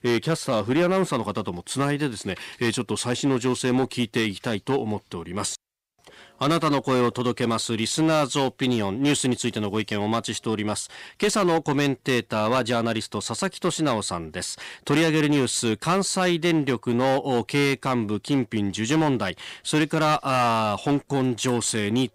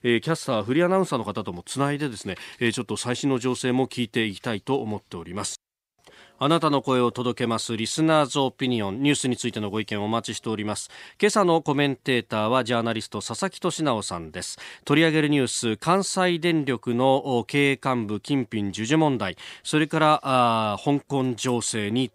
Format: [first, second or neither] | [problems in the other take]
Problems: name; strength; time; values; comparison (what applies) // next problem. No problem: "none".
second | distortion; slight; 9% of the sound clipped